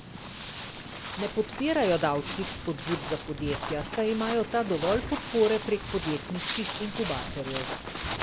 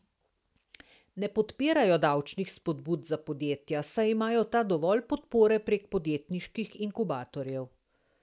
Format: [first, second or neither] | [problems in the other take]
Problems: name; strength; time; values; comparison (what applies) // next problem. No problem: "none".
second | background sound (Walk, footsteps); 6 dB below the speech